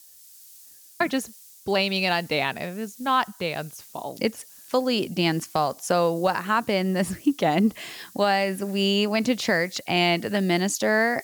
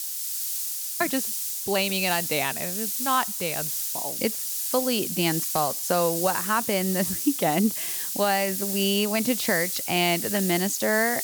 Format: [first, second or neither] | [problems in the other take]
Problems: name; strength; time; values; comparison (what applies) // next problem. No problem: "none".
first | hiss; loud; throughout; 2 dB below the speech; faint in the first